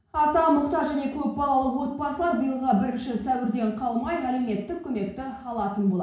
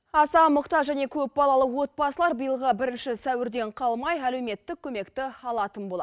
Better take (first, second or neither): second